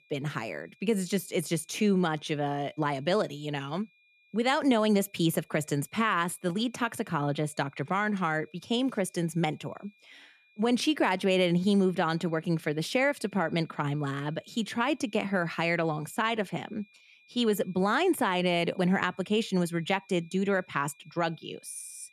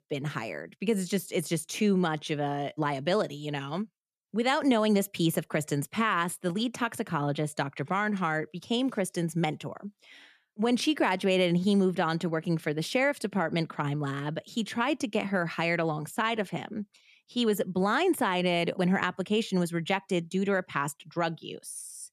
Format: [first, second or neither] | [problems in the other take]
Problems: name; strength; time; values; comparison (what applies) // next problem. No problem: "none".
second | high-pitched whine; faint; throughout; 2.5 kHz, 30 dB below the speech